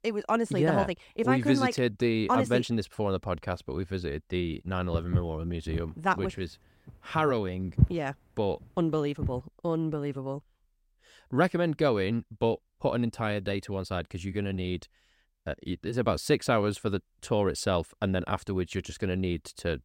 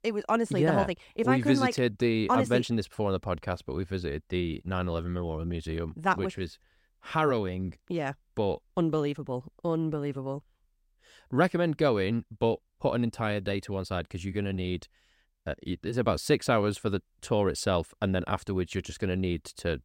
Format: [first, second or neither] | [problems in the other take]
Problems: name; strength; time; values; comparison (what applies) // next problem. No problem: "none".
second | footsteps; loud; from 5 to 9.5 s; peak 3 dB above the speech